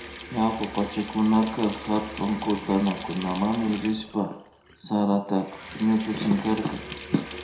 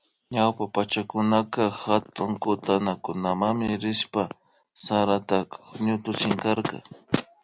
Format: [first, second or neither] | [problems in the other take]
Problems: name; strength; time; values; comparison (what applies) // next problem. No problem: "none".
second | background sound (Sink (filling or washing) / Water tap, faucet); 14 dB below the speech // room echo; dies away in 0.6 s